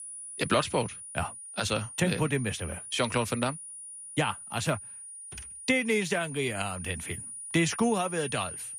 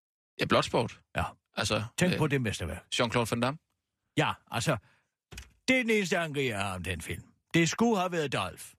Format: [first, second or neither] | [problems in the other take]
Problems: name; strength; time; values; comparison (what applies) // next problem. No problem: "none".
second | high-pitched whine; loud; throughout; 9.5 kHz, 10 dB below the speech